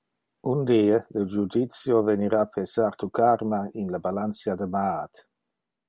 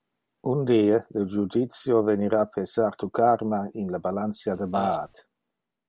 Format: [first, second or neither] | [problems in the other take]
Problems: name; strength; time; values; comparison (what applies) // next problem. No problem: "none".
first | background sound (Burping, eructation); 9 dB below the speech